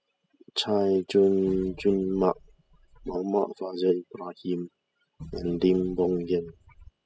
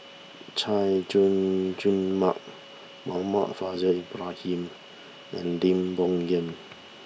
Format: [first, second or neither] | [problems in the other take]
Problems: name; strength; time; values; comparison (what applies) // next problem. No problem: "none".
second | noise reduction (classical method spectral subtraction)